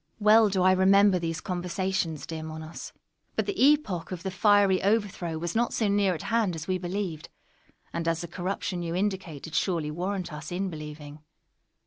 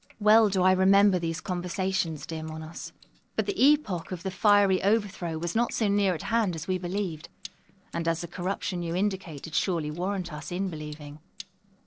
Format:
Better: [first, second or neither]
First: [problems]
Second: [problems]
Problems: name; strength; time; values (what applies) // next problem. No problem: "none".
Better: first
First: none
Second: noise reduction (neural separator model SepFormer DNS4)